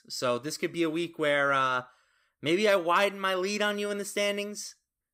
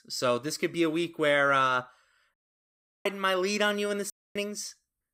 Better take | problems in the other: first | audio cutting out; at 2.5 s for 0.5 s and at 4 s

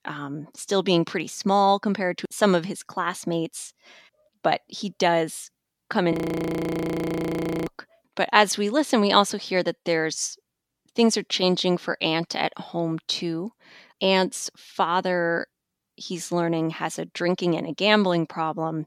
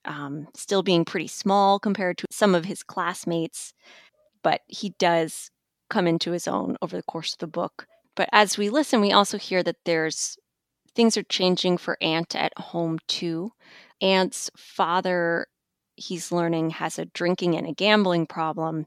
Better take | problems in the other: second | audio freezing; at 6 s for 1.5 s

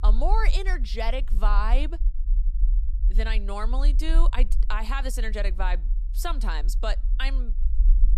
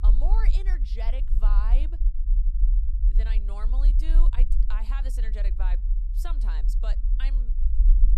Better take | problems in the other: first | low rumble; loud; throughout; 8 dB below the speech; faint in the first

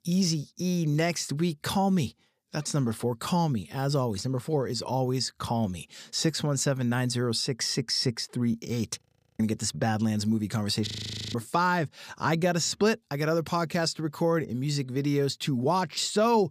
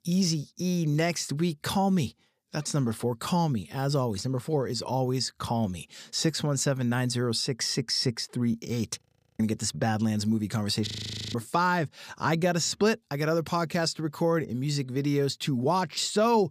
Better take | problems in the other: neither | audio freezing; at 9 s and at 11 s; the same in both

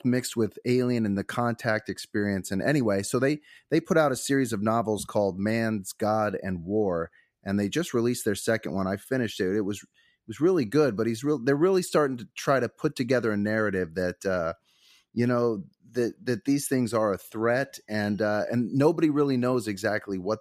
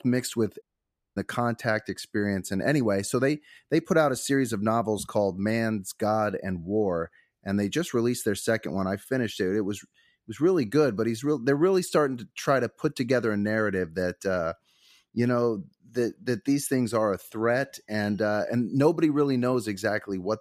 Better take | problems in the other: first | audio cutting out; at 0.5 s for 0.5 s

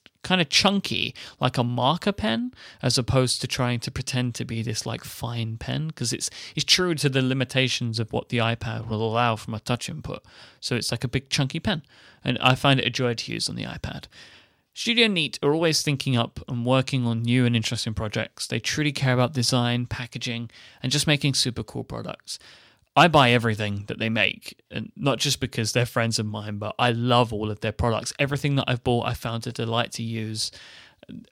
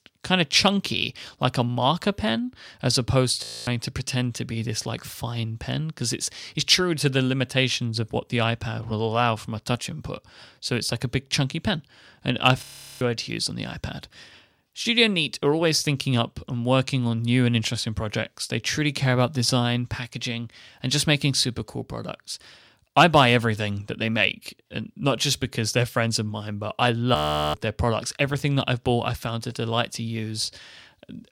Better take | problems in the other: first | audio freezing; at 3.5 s, at 13 s and at 27 s

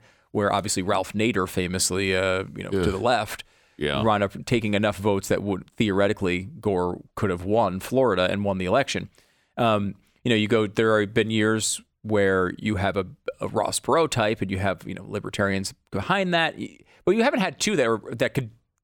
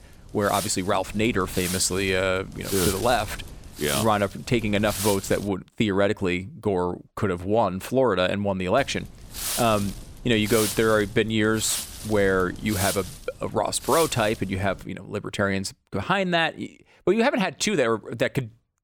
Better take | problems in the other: first | wind noise on the microphone; heavy; until 5.5 s and from 9 to 15 s; 9 dB below the speech

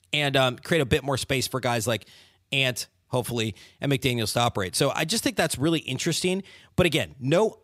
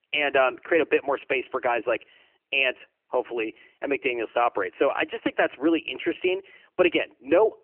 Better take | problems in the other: first | phone-call audio; nothing above 3 kHz

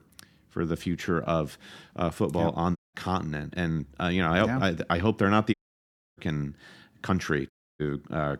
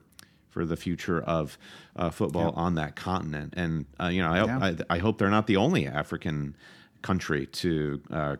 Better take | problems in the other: second | audio cutting out; at 3 s, at 5.5 s for 0.5 s and at 7.5 s

